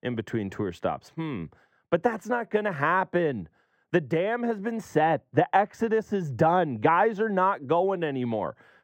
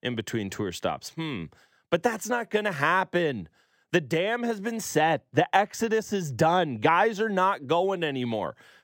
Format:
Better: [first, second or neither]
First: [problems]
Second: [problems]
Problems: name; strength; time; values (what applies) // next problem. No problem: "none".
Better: second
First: muffled; slightly; fading above 2.5 kHz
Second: none